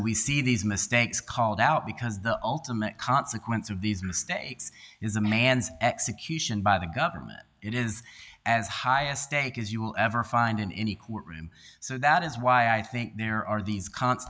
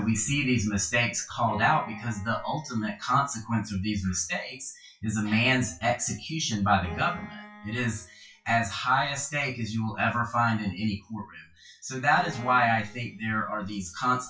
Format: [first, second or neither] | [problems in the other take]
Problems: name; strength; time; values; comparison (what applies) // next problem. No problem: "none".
first | noise reduction (classical method WPE with log-MMSE)